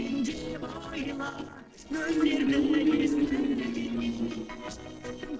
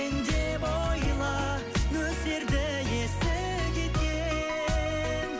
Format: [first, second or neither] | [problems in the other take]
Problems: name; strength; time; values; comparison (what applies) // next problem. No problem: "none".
second | noise reduction (neural separator model SepFormer DNS4)